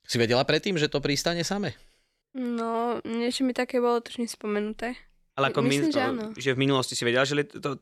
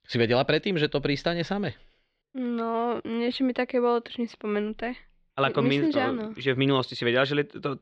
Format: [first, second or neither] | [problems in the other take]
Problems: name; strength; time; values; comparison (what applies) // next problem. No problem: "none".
first | muffled; very slightly; fading above 3.5 kHz